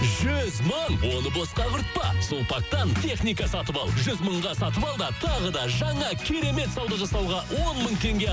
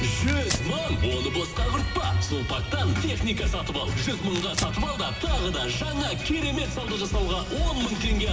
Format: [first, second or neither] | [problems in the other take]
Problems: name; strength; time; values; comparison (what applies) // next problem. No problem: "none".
first | background sound (Tearing); 15 dB below the speech // room echo; dies away in 2.9 s